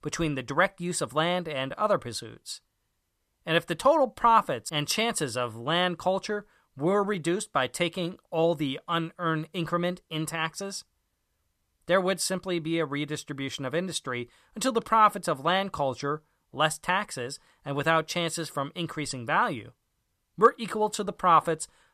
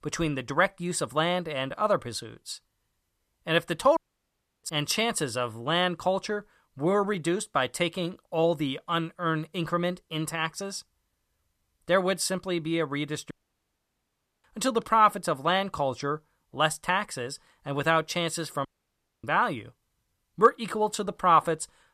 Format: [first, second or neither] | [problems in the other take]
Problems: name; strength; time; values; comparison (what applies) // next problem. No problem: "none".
first | audio cutting out; at 4 s for 0.5 s, at 13 s for 1 s and at 19 s for 0.5 s